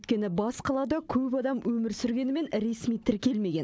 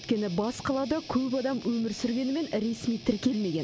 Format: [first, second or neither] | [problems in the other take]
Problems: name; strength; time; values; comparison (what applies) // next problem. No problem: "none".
first | background sound (Guitar); 17 dB below the speech